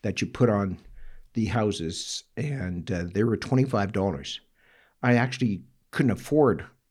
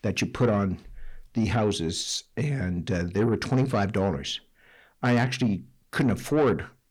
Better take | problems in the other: first | distortion; slight; 10 dB below the speech

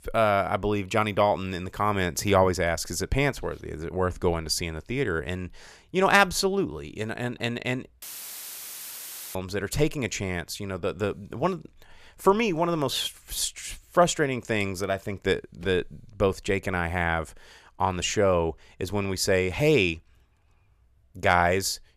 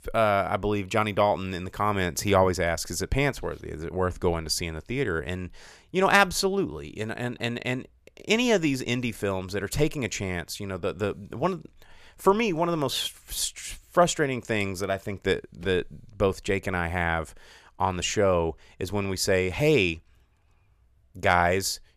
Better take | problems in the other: second | audio cutting out; filled with static; at 8 s for 1.5 s

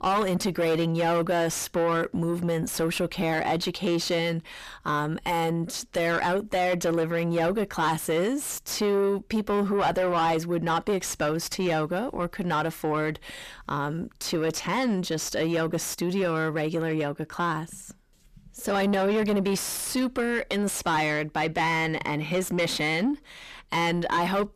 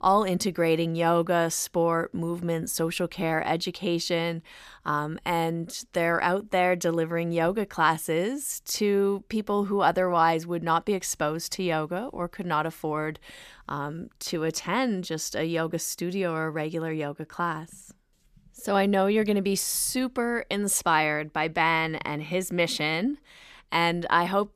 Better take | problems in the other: second | distortion; heavy; 7 dB below the speech

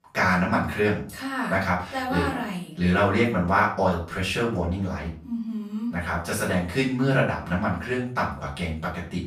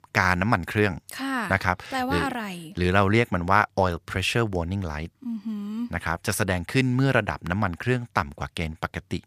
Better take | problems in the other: second | off-mic speech; far // room echo; slight; dies away in 0.4 s

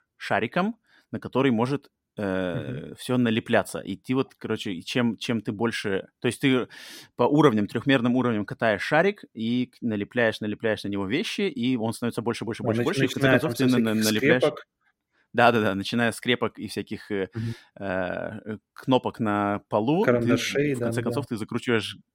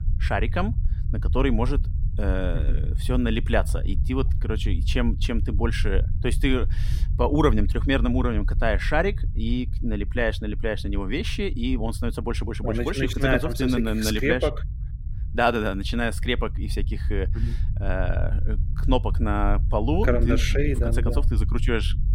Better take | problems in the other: first | low rumble; noticeable; throughout; 20 dB below the speech

